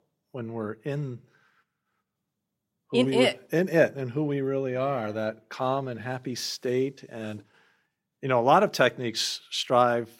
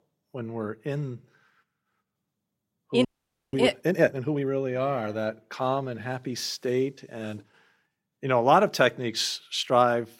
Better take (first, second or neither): first